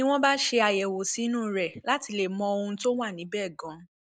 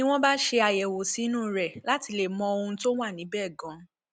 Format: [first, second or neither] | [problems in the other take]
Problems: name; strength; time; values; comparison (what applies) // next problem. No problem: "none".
second | noise reduction (neural mask model Resemble Enhance denoiser)